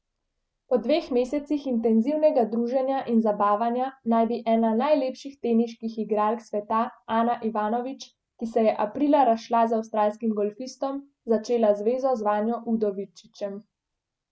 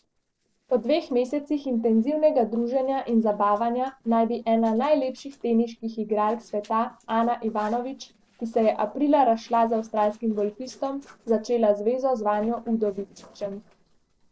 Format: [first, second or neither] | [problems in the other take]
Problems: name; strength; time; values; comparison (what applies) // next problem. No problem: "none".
first | noise reduction (neural separator model SepFormer DNS4)